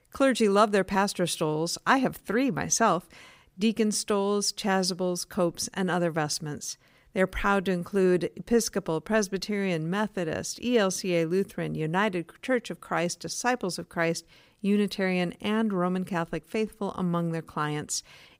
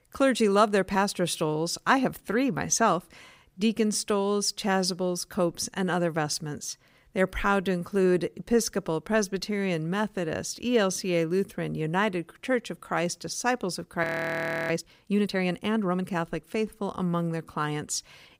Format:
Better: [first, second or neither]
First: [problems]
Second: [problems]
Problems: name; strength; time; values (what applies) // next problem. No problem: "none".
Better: first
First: none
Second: audio freezing; at 14 s for 0.5 s